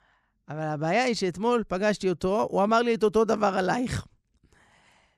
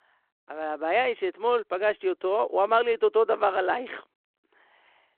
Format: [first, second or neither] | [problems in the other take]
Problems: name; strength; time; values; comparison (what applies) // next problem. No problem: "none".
first | phone-call audio